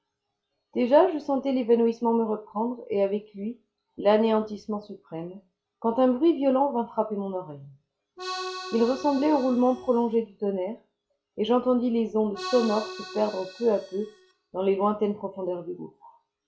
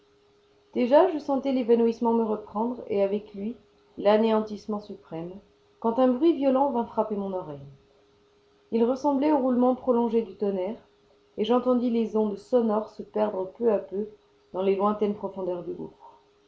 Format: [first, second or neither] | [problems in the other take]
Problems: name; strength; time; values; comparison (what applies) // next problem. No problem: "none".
second | noise reduction (classical method log-MMSE)